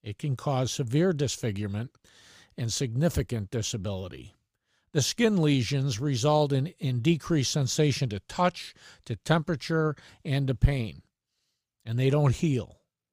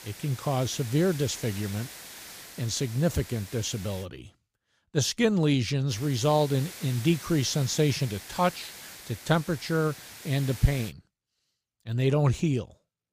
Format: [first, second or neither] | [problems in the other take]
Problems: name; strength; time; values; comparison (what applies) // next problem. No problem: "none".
first | hiss; noticeable; until 4 s and from 6 to 11 s; 15 dB below the speech